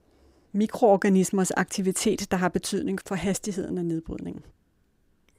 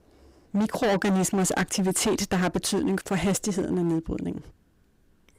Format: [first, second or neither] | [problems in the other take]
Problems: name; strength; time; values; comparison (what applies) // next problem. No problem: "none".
first | distortion; heavy; 14% of the sound clipped